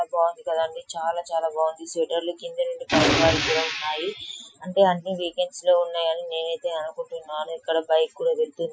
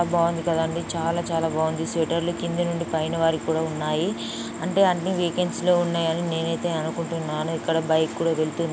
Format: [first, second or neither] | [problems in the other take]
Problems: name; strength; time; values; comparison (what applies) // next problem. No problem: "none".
second | noise reduction (classical method Wiener filter)